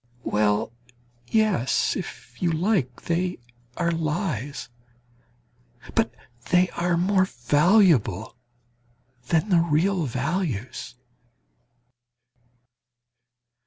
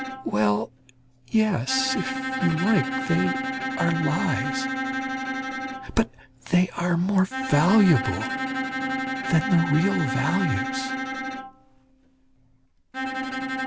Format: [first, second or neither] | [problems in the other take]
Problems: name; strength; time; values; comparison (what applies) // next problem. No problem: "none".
first | background sound (Bowed string instrument); 4 dB below the speech